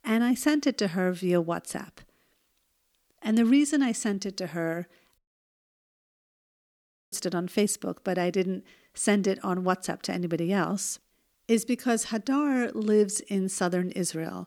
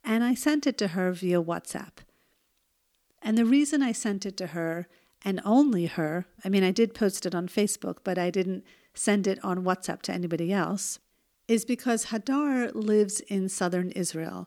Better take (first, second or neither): second